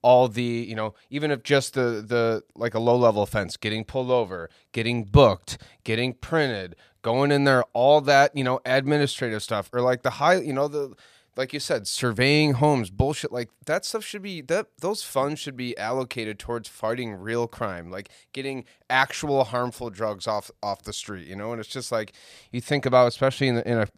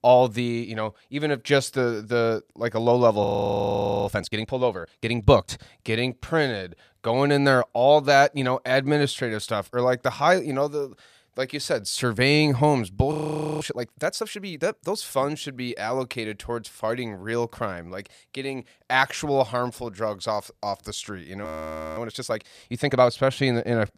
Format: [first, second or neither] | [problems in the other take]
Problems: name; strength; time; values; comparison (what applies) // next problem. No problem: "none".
first | audio freezing; at 3 s for 1 s, at 13 s and at 21 s for 0.5 s